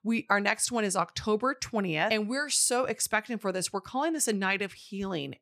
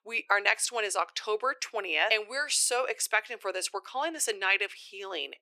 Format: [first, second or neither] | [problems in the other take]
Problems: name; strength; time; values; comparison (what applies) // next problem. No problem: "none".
first | thin; very; fading below 350 Hz